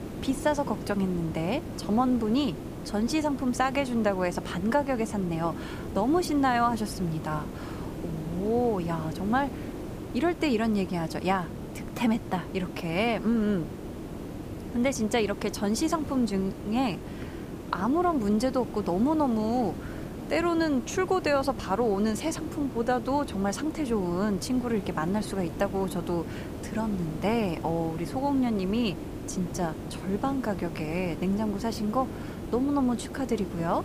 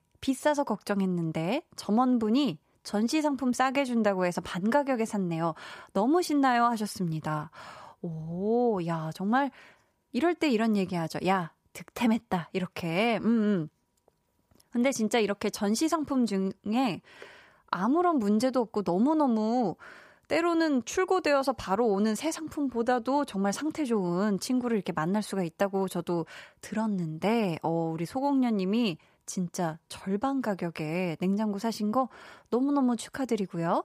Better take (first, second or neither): second